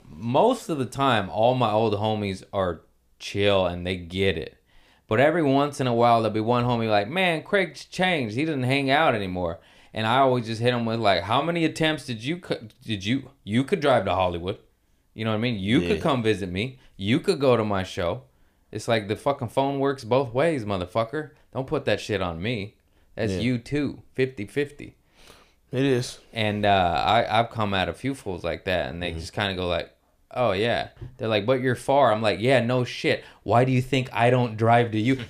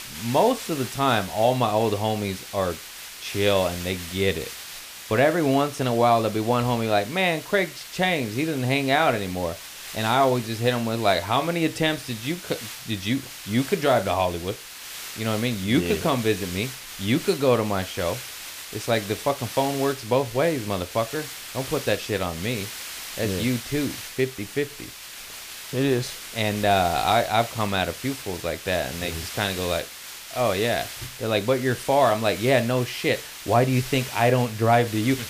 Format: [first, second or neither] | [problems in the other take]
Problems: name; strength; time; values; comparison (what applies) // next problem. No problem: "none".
first | hiss; noticeable; throughout; 10 dB below the speech